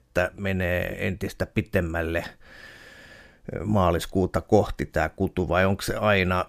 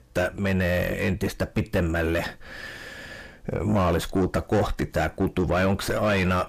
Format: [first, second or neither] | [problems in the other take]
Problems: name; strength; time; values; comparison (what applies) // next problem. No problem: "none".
first | distortion; heavy; 5 dB below the speech